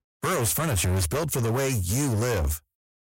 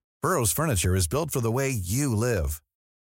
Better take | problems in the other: second | distortion; heavy; 26% of the sound clipped

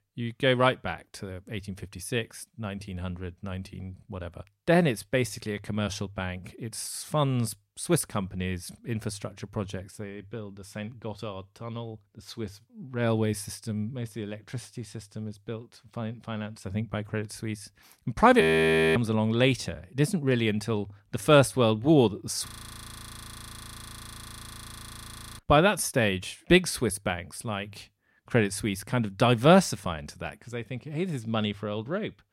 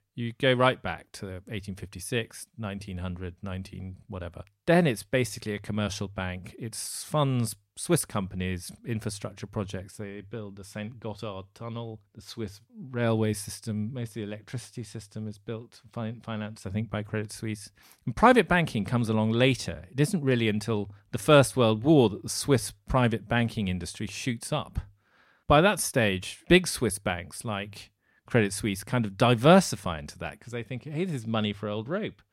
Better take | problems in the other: second | audio freezing; at 18 s for 0.5 s and at 22 s for 3 s

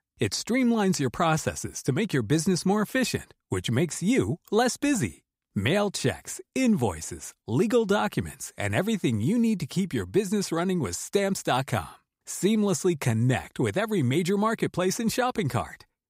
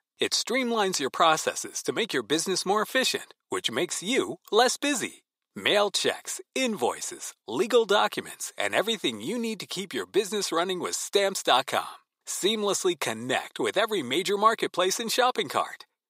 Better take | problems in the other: first | thin; somewhat; fading below 450 Hz

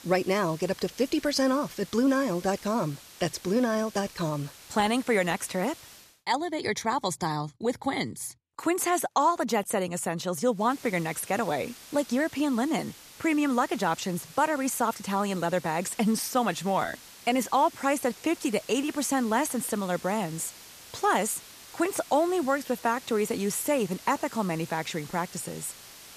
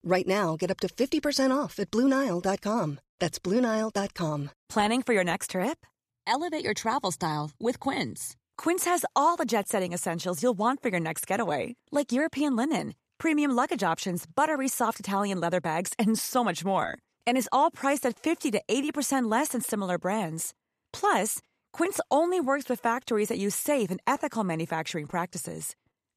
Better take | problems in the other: second | hiss; noticeable; until 6 s and from 11 s on; 20 dB below the speech

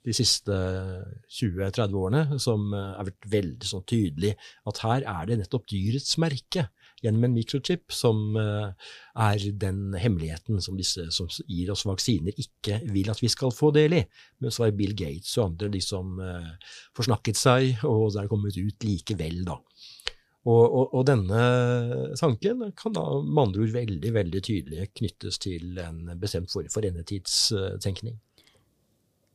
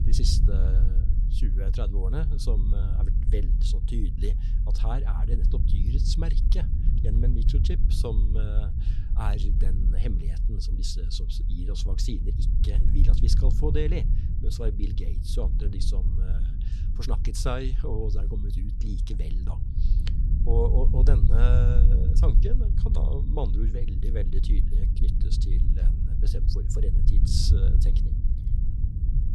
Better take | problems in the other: first | low rumble; loud; throughout; 6 dB below the speech

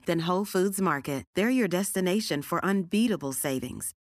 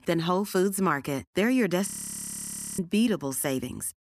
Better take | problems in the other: first | audio freezing; at 2 s for 1 s

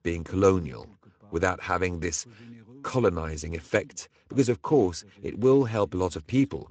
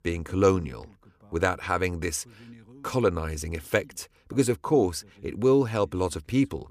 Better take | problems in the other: second | garbled, watery; slightly; nothing above 7.5 kHz

